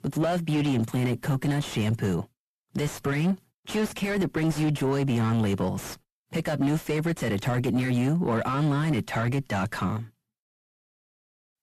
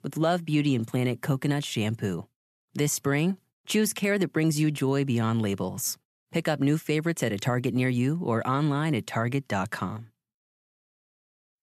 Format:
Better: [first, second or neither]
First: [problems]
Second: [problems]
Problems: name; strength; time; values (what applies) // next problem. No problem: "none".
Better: second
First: distortion; heavy; 6 dB below the speech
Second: none